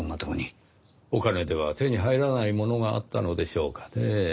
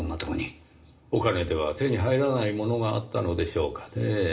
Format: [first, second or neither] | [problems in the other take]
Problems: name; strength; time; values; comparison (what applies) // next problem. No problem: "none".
first | room echo; dies away in 1.8 s